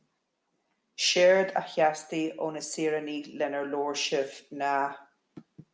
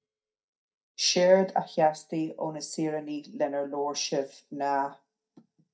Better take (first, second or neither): first